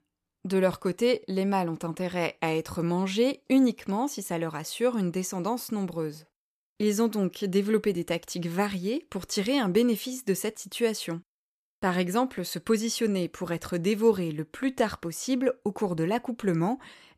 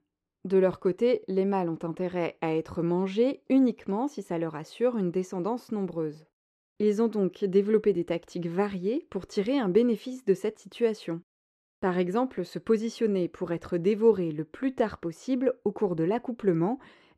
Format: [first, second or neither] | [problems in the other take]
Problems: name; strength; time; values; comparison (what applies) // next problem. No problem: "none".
first | muffled; slightly; fading above 2 kHz